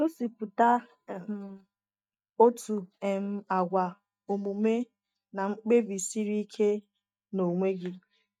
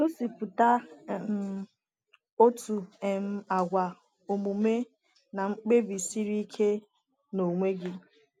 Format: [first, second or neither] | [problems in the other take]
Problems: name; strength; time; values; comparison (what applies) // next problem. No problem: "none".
second | noise reduction (neural mask model DeepFilterNet 3)